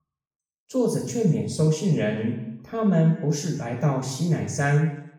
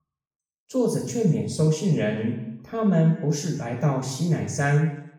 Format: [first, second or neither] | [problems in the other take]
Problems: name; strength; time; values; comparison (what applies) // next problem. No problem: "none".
neither | room echo; noticeable; dies away in 0.7 s; the same in both // off-mic speech; far; the same in both